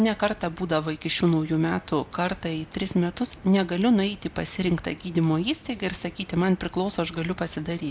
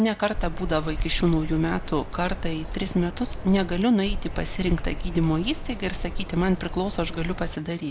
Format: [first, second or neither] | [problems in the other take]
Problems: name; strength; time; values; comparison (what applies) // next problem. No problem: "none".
first | background sound (Bird vocalization, bird call, bird song); 4 dB below the speech